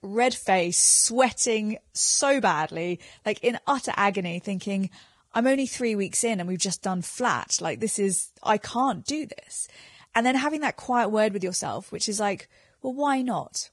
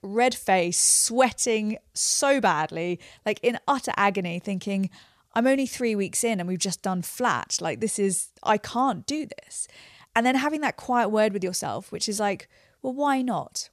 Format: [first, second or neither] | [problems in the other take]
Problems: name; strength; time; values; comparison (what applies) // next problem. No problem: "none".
second | garbled, watery; badly; nothing above 10 kHz